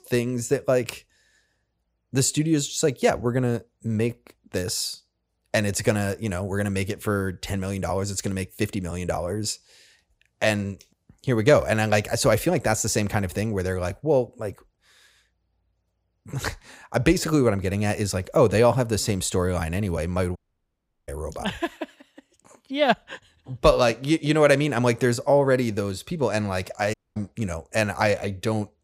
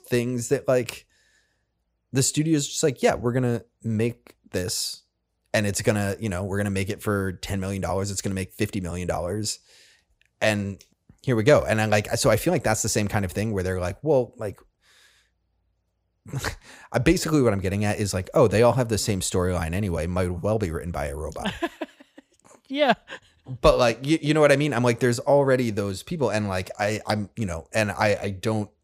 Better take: second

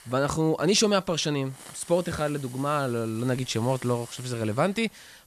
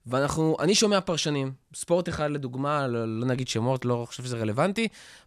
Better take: second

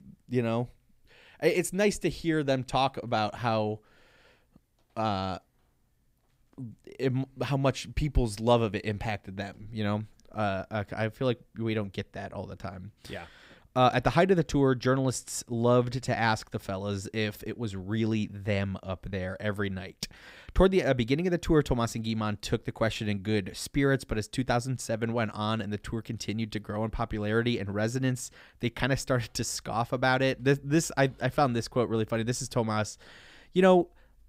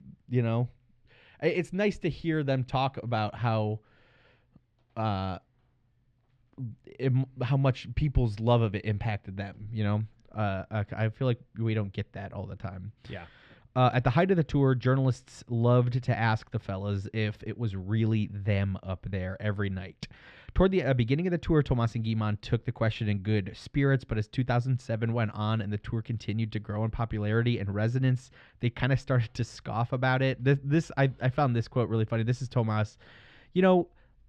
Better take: first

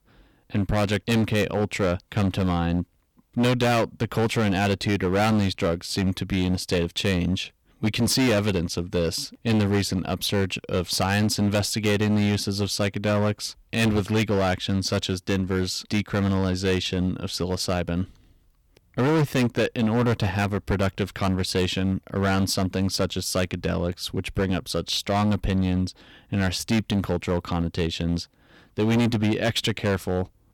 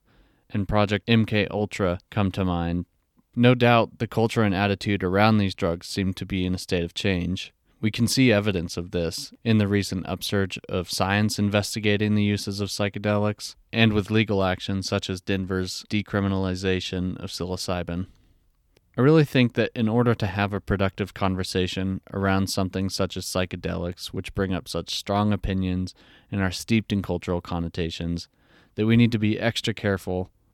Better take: second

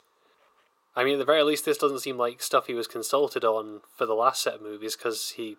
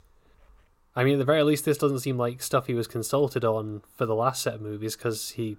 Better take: second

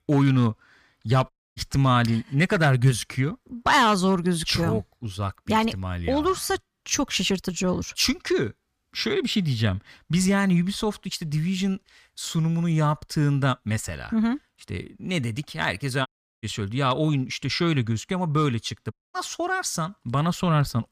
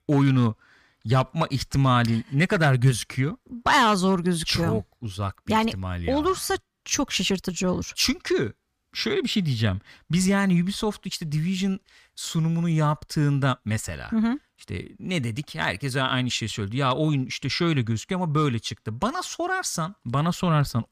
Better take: second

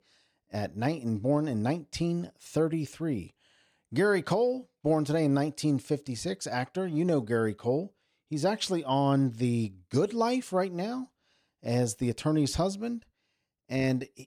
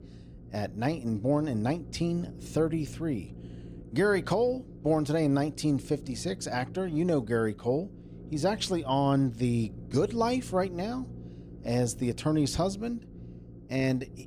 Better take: first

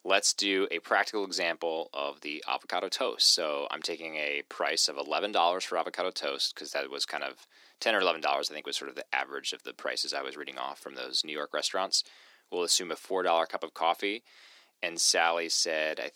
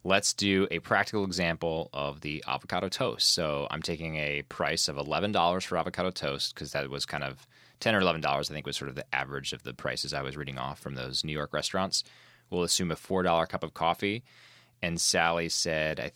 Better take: second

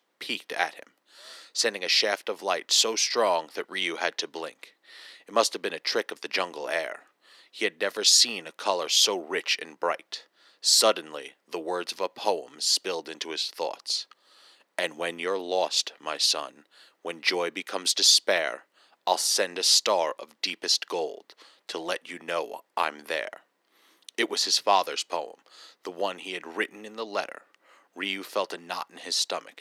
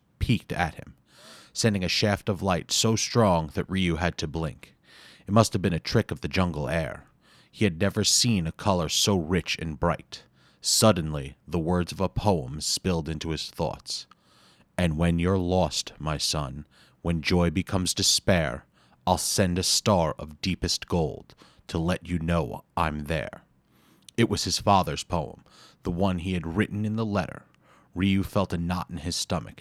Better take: second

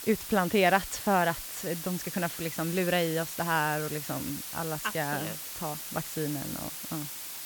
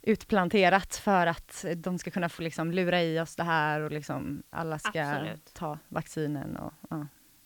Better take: second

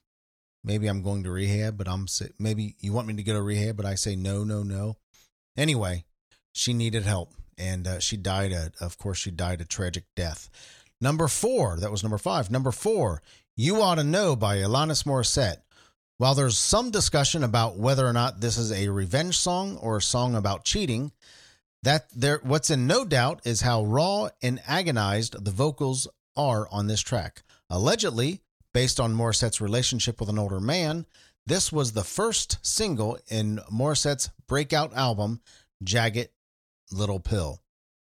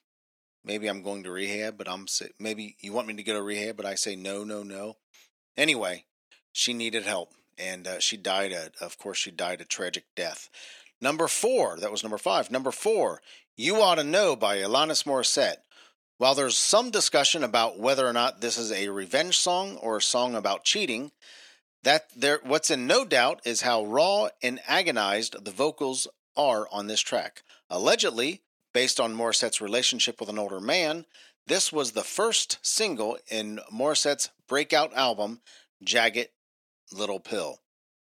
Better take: first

